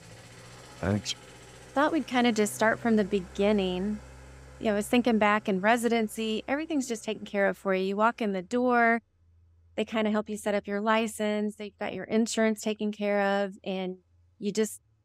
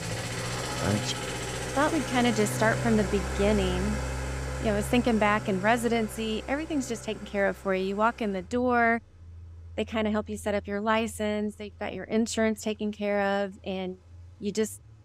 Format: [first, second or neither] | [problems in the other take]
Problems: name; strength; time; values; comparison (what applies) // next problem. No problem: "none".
first | traffic noise; loud; throughout; 6 dB below the speech; faint in the first